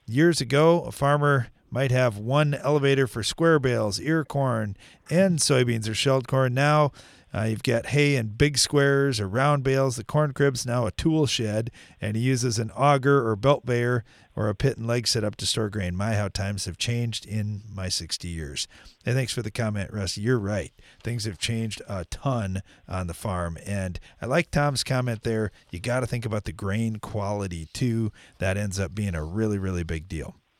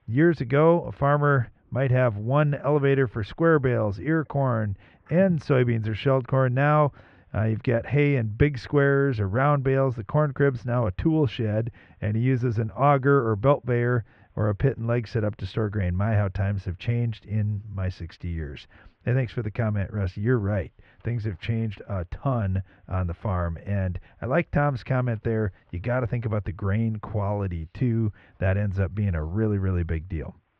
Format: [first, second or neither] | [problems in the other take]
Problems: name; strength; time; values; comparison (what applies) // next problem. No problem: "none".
first | muffled; very; fading above 2 kHz